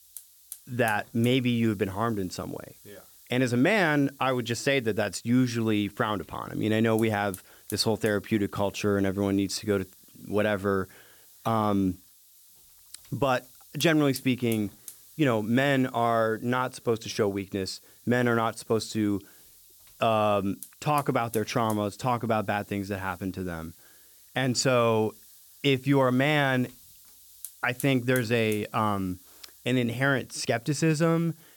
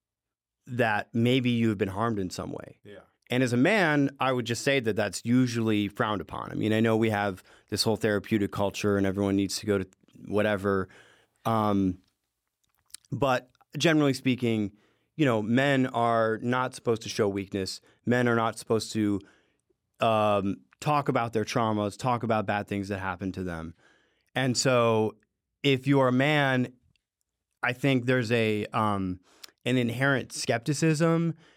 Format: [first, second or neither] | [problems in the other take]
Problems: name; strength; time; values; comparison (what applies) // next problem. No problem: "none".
second | hiss; faint; throughout; 20 dB below the speech